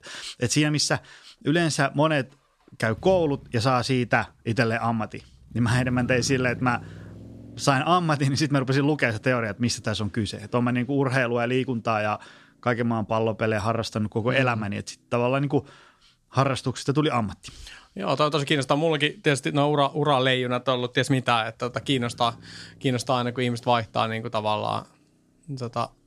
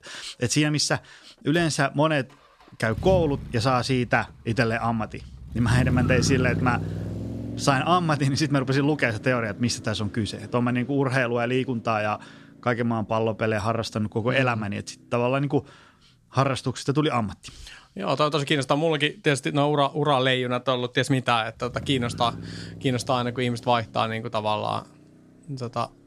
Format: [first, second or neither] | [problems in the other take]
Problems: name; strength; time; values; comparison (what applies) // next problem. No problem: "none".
first | traffic noise; loud; throughout; 9 dB below the speech; faint in the first